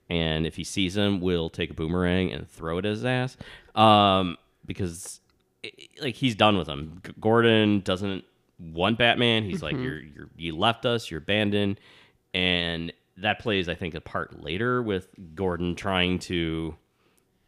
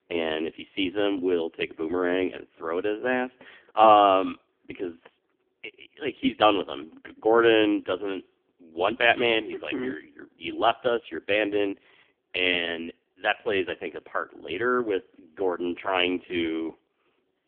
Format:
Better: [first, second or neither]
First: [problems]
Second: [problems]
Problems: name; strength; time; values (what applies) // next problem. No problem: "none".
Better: first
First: none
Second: phone-call audio; poor line; nothing above 3.5 kHz